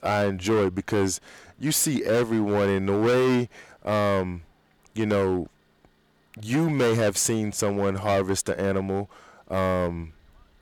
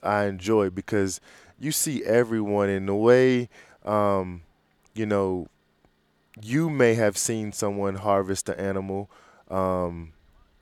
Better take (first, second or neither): second